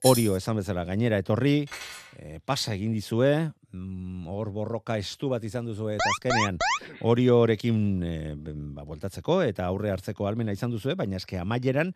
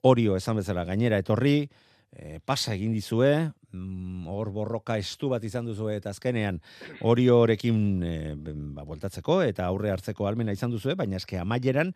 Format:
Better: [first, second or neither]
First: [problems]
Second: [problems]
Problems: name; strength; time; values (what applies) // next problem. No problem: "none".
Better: second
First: jangling keys; noticeable; at the start; peak 1 dB below the speech // clattering dishes; faint; at 1.5 s; peak 10 dB below the speech // alarm; loud; at 6 s; peak 2 dB above the speech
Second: none